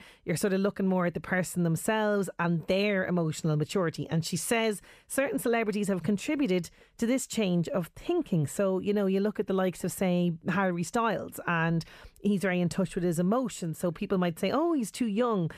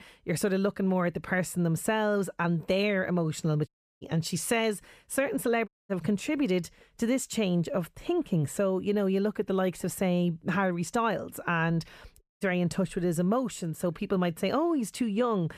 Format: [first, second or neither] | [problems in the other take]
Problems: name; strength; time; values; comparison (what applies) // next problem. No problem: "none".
first | audio cutting out; at 3.5 s, at 5.5 s and at 12 s